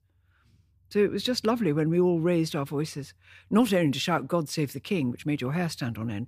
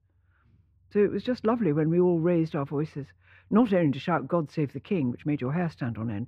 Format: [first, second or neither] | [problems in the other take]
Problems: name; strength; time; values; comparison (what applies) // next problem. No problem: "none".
first | muffled; very; fading above 4 kHz